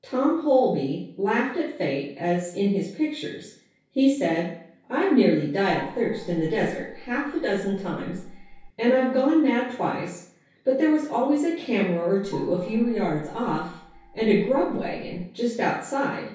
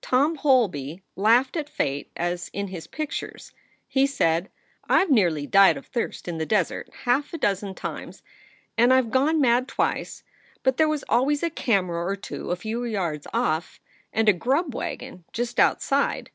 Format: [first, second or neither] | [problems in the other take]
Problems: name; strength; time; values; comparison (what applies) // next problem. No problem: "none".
second | background sound (Gong); 18 dB below the speech // room echo; dies away in 0.6 s